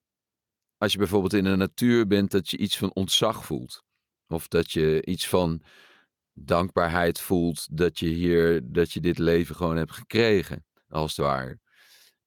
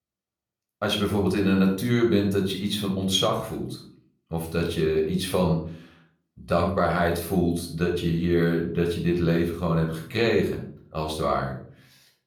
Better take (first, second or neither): first